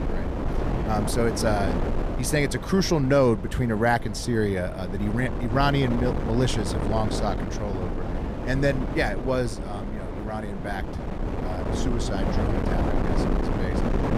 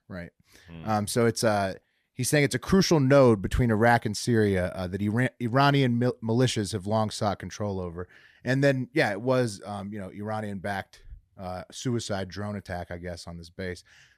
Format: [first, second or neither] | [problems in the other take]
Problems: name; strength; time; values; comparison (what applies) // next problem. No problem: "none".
second | wind noise on the microphone; heavy; 6 dB below the speech